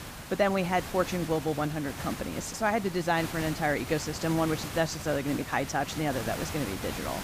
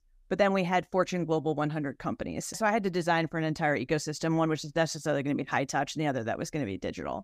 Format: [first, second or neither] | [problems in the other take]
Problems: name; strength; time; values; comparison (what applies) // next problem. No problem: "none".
second | hiss; loud; throughout; 8 dB below the speech